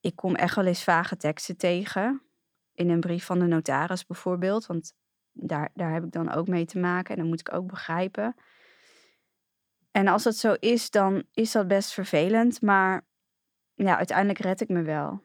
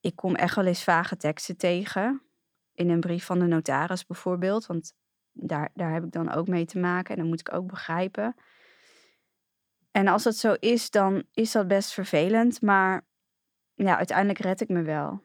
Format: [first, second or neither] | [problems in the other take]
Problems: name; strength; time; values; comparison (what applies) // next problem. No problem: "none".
neither | none